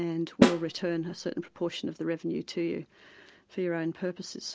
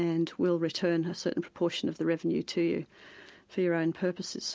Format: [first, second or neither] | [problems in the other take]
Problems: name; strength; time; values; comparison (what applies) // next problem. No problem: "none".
second | background sound (Snare drum); 4 dB above the speech